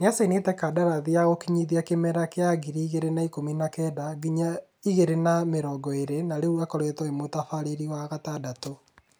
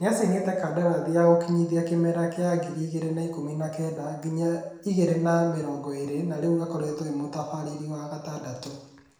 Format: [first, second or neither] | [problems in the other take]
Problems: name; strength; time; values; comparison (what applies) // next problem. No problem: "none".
first | room echo; dies away in 0.8 s